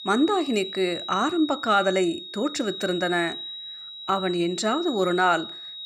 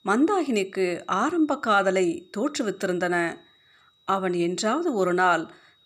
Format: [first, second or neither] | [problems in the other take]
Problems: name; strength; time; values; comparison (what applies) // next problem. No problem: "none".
second | high-pitched whine; loud; throughout; 4 kHz, 10 dB below the speech; faint in the second